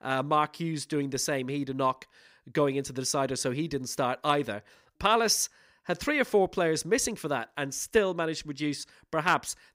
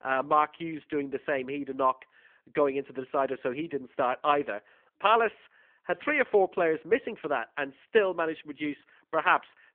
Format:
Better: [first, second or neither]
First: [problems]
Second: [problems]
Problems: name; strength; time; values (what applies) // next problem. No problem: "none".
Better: first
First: none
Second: phone-call audio